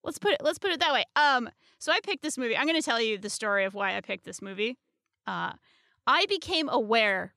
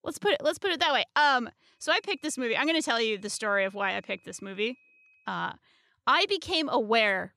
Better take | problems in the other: first | high-pitched whine; faint; from 2 to 5 s; 2.5 kHz, 35 dB below the speech

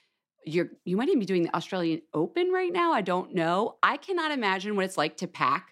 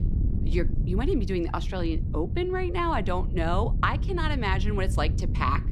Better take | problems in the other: first | wind noise on the microphone; occasional gusts; 15 dB below the speech

